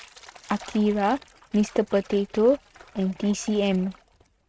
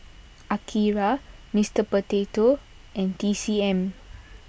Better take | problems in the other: second | noise reduction (neural mask model RNNoise)

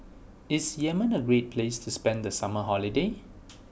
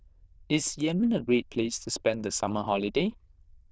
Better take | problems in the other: first | noise reduction (neural diffusion model UNIVERSE++)

